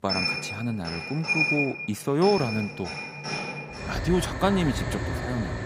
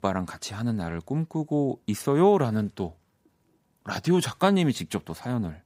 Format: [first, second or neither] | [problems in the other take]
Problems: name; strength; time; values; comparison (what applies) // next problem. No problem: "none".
second | household noises; loud; throughout; 2 dB below the speech